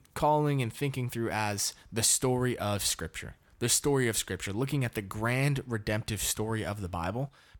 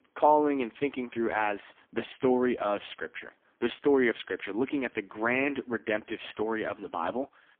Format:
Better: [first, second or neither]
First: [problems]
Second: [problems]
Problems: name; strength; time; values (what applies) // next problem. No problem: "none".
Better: first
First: none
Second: phone-call audio; poor line; nothing above 3.5 kHz